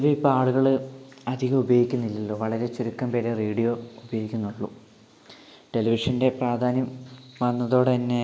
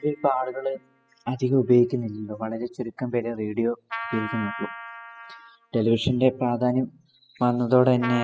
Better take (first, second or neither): first